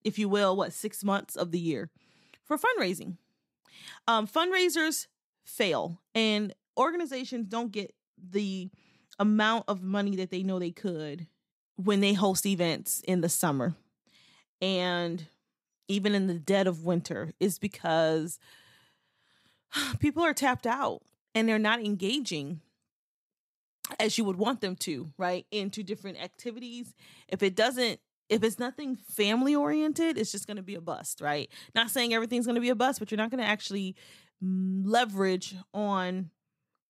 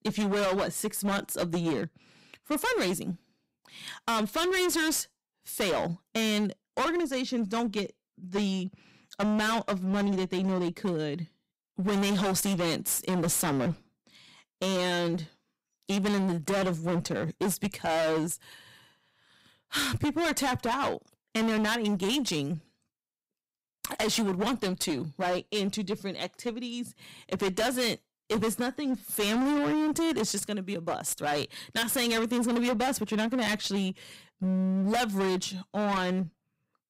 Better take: first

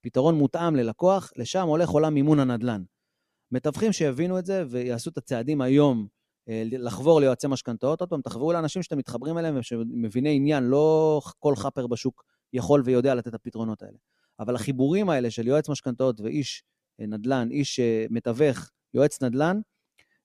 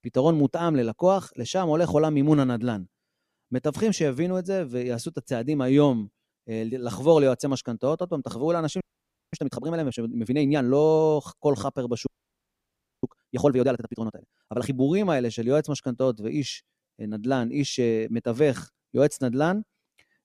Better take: first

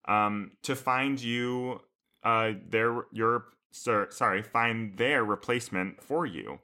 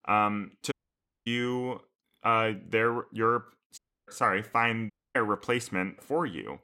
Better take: first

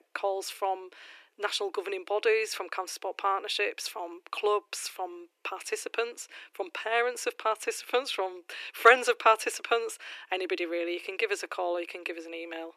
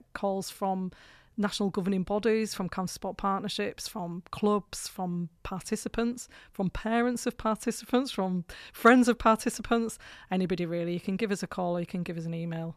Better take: second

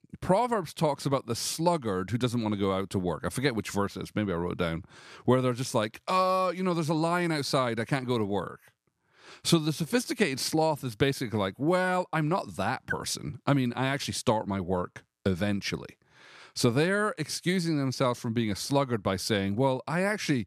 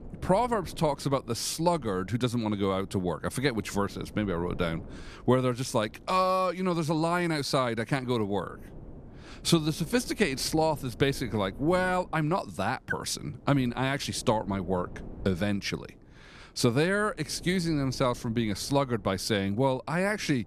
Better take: first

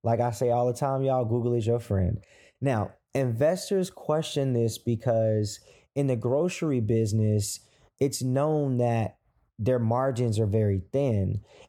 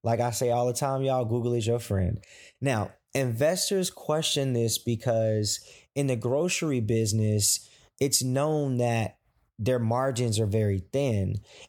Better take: second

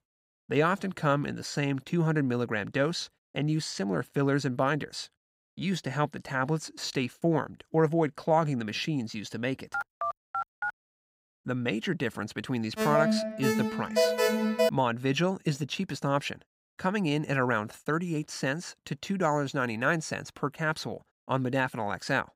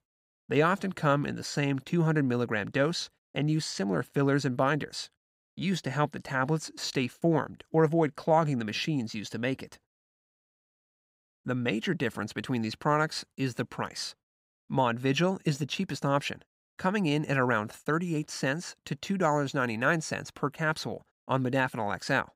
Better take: second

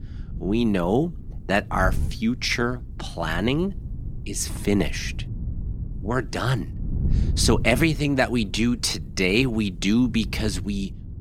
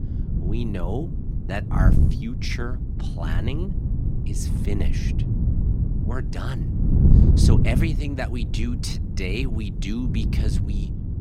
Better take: first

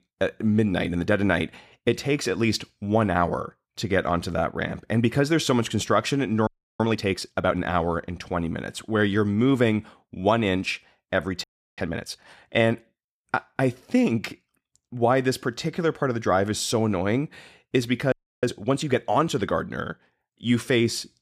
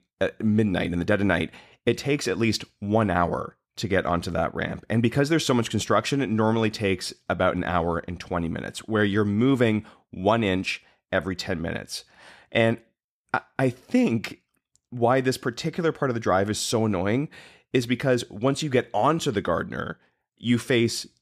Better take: second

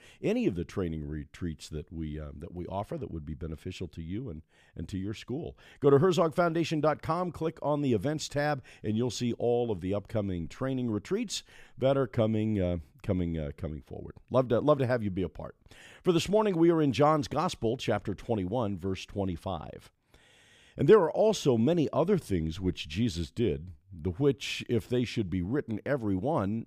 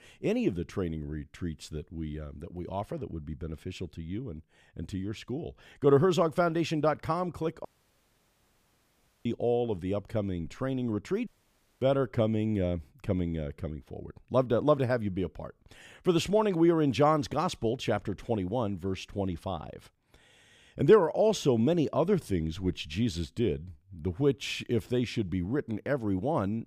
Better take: first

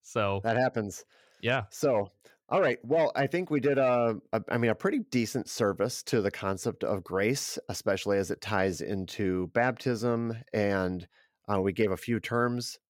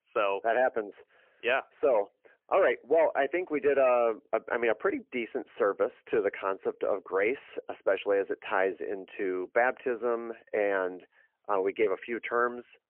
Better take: first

